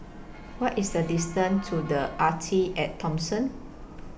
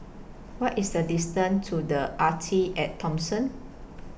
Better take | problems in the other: second | background sound (Harp + Motor vehicle (road) / Siren); 20 dB below the speech

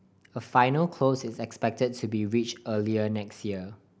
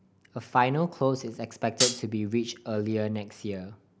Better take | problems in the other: first | background sound (Hi-hat); 3 dB above the speech

